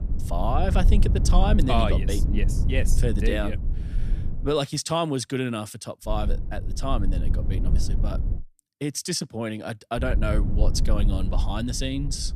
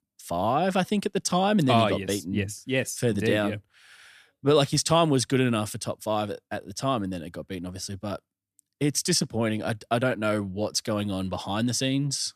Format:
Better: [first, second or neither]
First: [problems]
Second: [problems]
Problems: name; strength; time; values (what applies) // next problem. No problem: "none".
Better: second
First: low rumble; noticeable; until 4.5 s, from 6 to 8.5 s and from 10 s on; 10 dB below the speech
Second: none